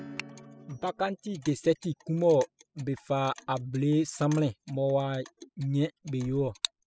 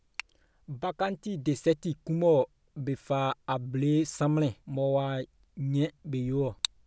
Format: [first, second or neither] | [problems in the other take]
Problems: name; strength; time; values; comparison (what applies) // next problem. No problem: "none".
second | noise reduction (classical method spectral subtraction)